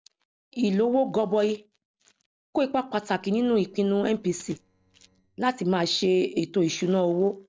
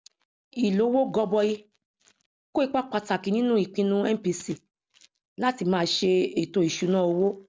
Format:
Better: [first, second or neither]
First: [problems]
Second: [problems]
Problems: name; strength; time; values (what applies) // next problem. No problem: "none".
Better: second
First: noise reduction (neural separator model SepFormer DNS4)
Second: none